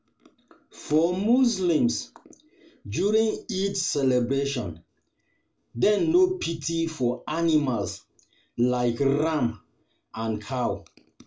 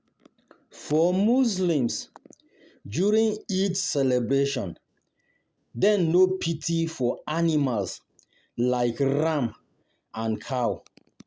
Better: second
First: room echo; dies away in 0.3 s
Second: none

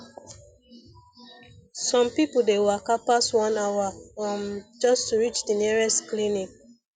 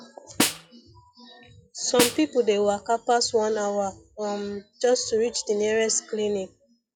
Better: first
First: none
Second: noise reduction (classical method log-MMSE)

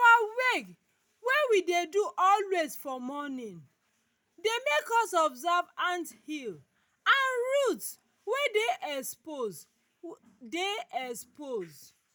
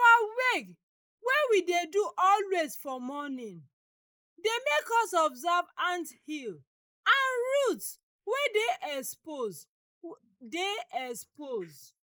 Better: first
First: none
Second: noise reduction (neural mask model Resemble Enhance denoiser)

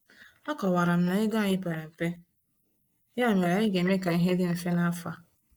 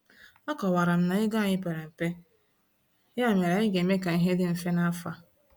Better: second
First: noise reduction (neural mask model Resemble Enhance denoiser)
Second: none

